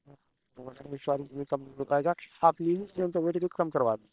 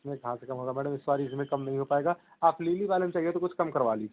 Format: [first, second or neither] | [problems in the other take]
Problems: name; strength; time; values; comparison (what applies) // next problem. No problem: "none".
second | noise reduction (neural separator model SepFormer WHAM!)